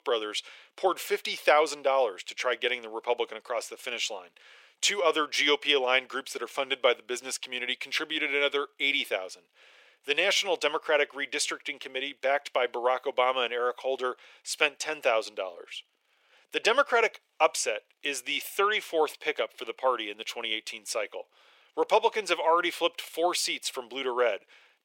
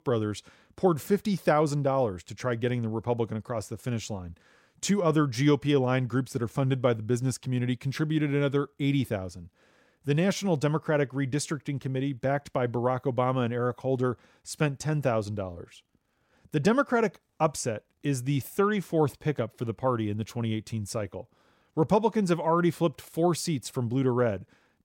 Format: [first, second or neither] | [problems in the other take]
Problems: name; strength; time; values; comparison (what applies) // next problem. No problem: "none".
second | thin; very; fading below 450 Hz